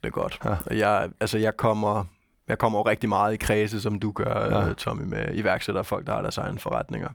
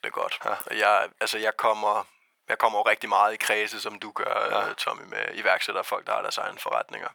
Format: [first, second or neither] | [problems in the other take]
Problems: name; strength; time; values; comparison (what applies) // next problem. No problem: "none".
first | thin; very; fading below 800 Hz